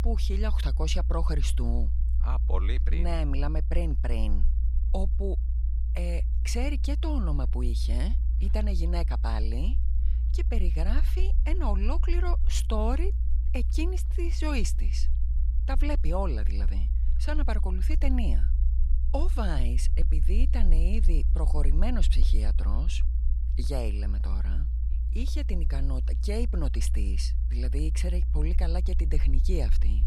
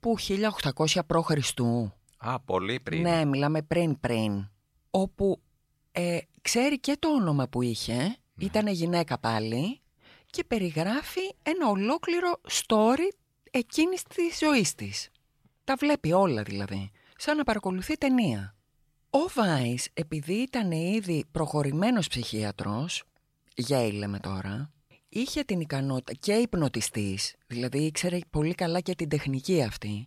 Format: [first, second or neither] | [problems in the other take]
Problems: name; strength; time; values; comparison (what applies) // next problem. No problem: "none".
second | low rumble; noticeable; throughout; 10 dB below the speech